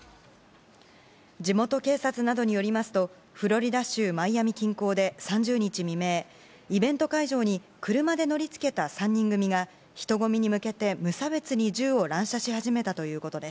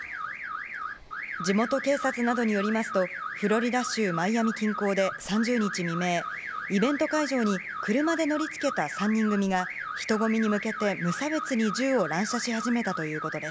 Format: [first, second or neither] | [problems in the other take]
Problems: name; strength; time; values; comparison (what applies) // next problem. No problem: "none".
first | noise reduction (neural mask model Resemble Enhance denoiser)